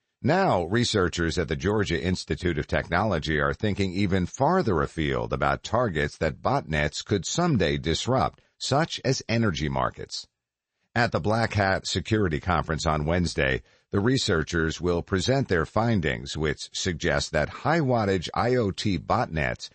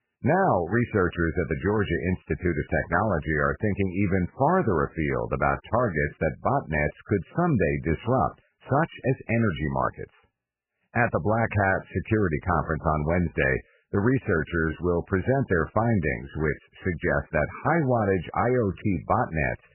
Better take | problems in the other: first | garbled, watery; badly; nothing above 2.5 kHz; slightly in the first

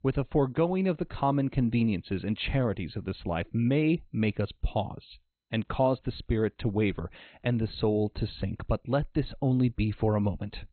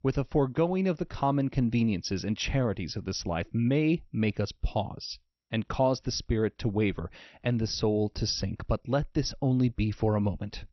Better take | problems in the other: second | garbled, watery; badly; nothing above 4 kHz; slightly in the second

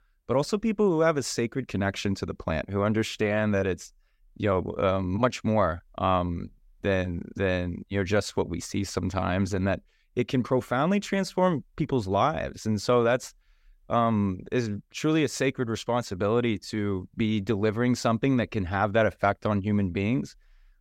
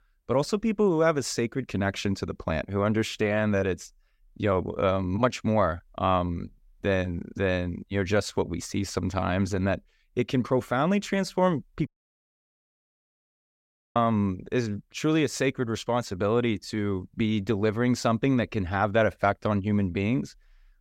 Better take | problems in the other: first | audio cutting out; at 12 s for 2 s

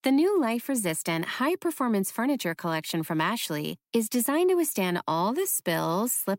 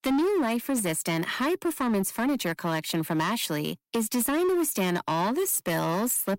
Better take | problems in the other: first | distortion; slight; 16% of the sound clipped

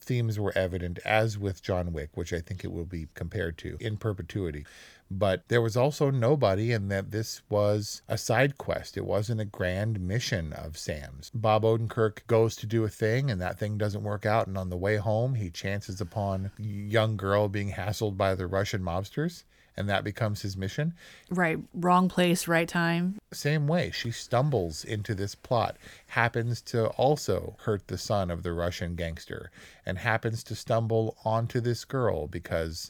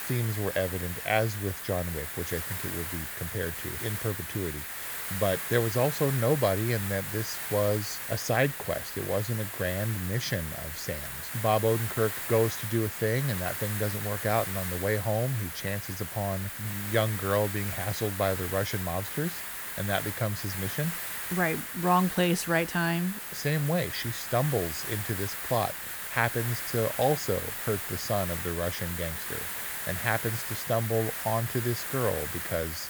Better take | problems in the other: first | hiss; loud; throughout; 4 dB below the speech

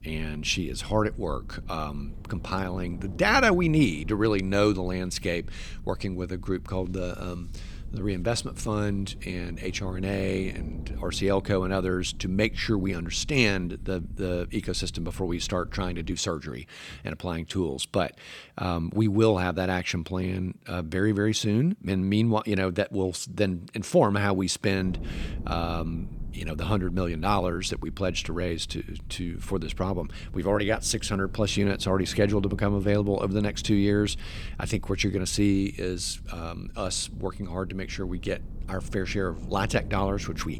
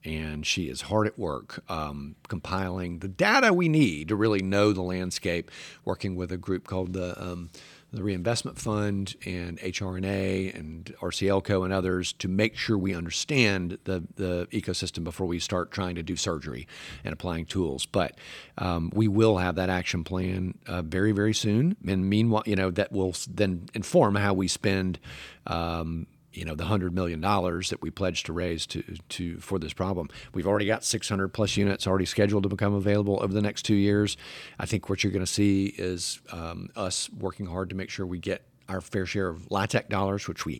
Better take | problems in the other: second | low rumble; faint; until 16 s and from 25 s on; 20 dB below the speech

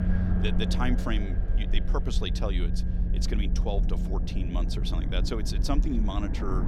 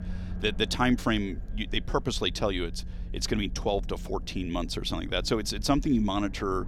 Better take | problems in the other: second | low rumble; loud; throughout; 6 dB below the speech; faint in the second

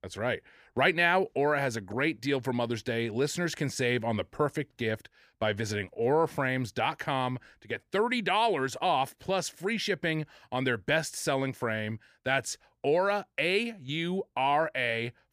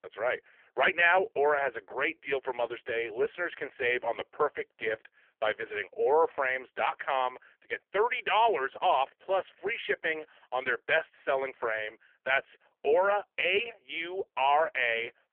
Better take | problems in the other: first | phone-call audio; poor line; nothing above 3 kHz

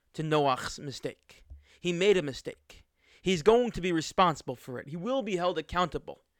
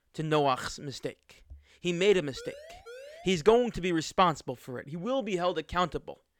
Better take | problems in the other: first | siren; faint; at 2.5 s; peak 20 dB below the speech

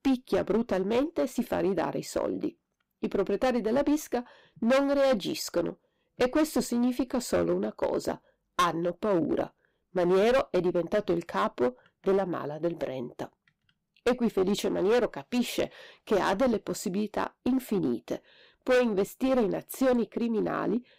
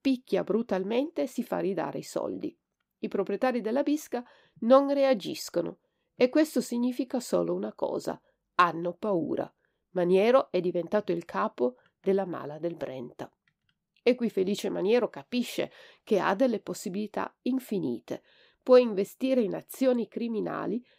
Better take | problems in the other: second | distortion; heavy; 9% of the sound clipped

